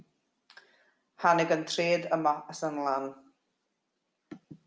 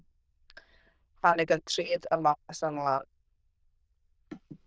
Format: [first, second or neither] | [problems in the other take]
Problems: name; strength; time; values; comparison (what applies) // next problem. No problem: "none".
first | noise reduction (neural diffusion model UNIVERSE++)